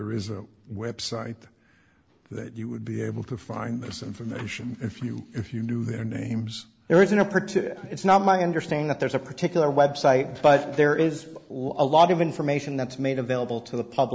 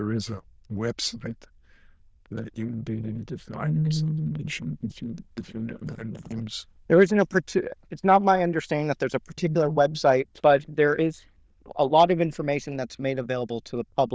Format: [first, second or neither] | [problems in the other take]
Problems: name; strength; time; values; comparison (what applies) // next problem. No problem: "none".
first | noise reduction (neural diffusion model UNIVERSE++)